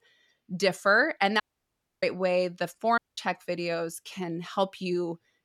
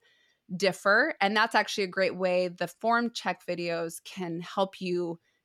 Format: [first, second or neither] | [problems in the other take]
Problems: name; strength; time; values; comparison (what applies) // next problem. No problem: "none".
second | audio cutting out; at 1.5 s for 0.5 s and at 3 s